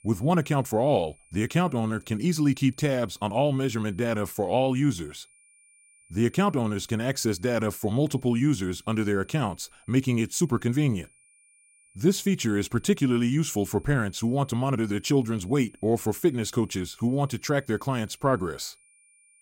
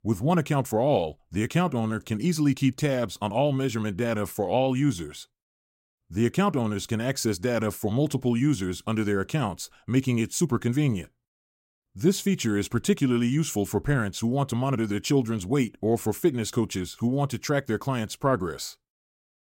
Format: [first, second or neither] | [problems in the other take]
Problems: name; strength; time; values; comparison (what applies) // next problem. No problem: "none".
second | high-pitched whine; faint; throughout; 9.5 kHz, 30 dB below the speech